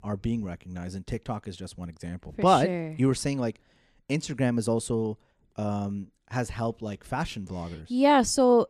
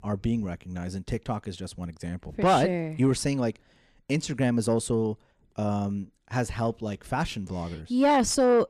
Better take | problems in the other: first | distortion; slight; 10 dB below the speech

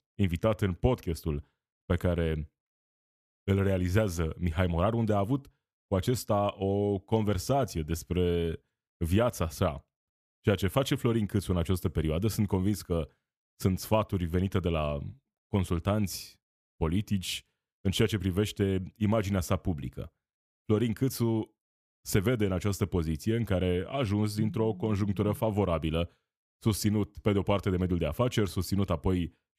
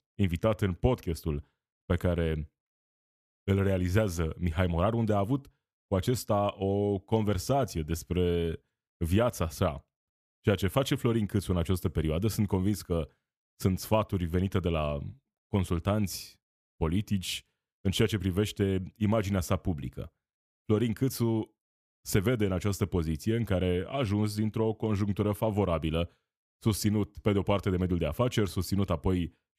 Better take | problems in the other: second | phone ringing; noticeable; from 24 to 25 s; peak 10 dB below the speech

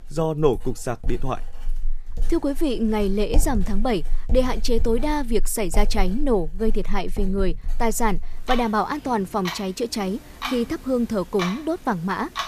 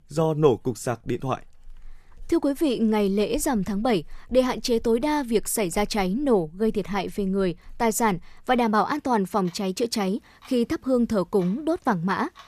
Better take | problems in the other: second | household noises; loud; throughout; 8 dB below the speech; faint in the second

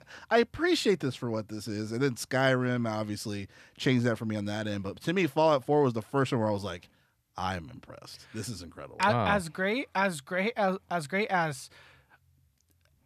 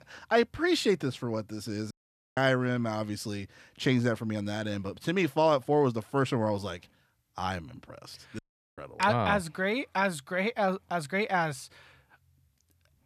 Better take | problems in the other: first | audio cutting out; at 2 s and at 8.5 s

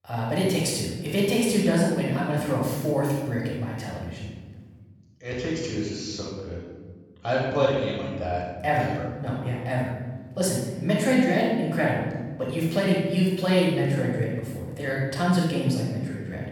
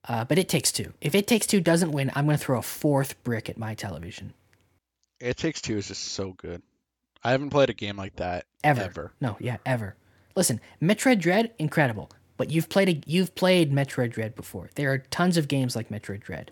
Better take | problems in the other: second | off-mic speech; far // room echo; strong; dies away in 1.4 s

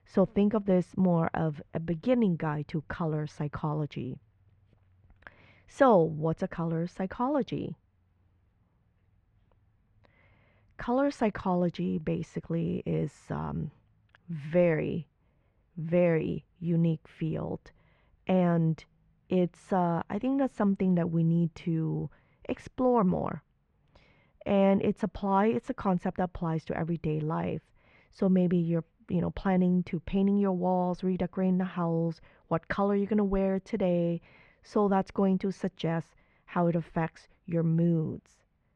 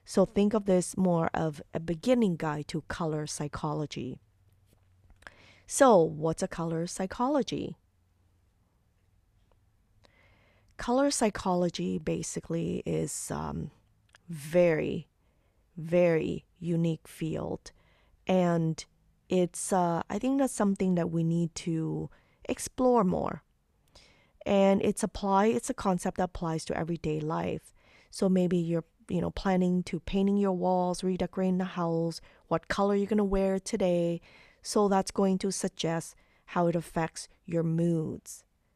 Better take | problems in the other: second | muffled; very; fading above 2.5 kHz

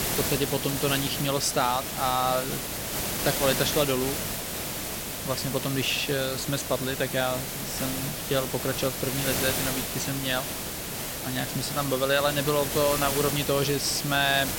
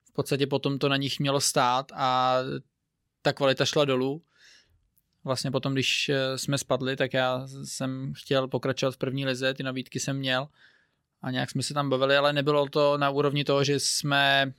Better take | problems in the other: second | hiss; loud; throughout; 2 dB below the speech

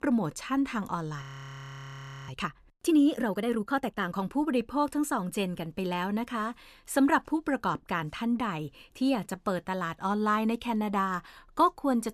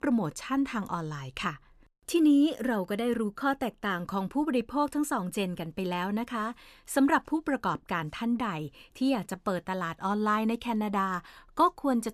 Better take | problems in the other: second | audio freezing; at 1 s for 1 s

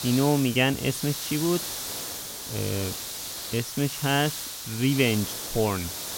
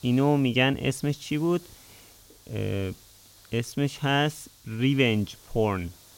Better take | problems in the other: second | hiss; loud; throughout; 6 dB below the speech; faint in the second

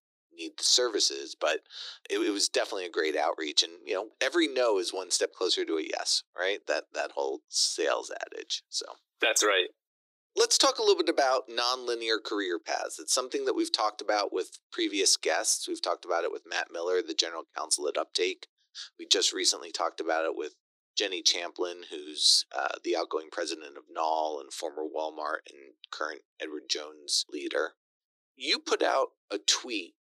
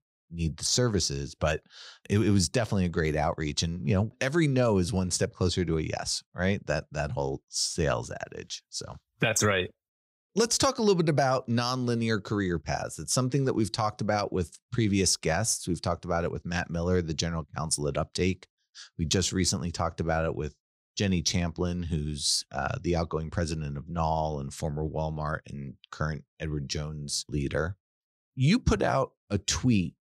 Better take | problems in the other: second | thin; very; fading below 300 Hz

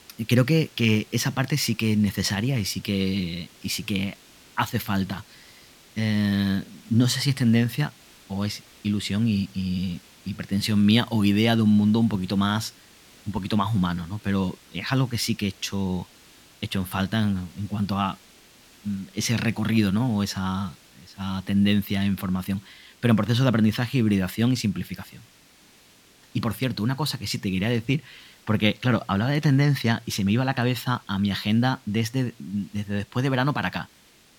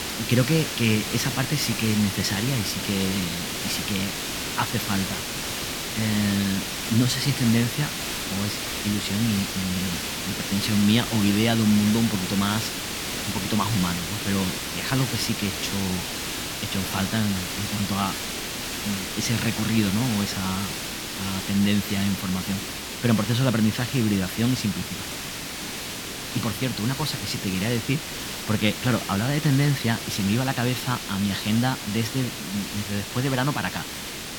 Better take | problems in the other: first | hiss; loud; throughout; 3 dB below the speech; faint in the first

